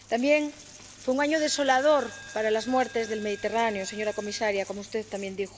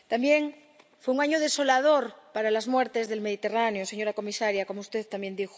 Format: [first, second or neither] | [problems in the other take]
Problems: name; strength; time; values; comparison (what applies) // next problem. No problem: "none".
second | background sound (Coin (dropping)); 18 dB below the speech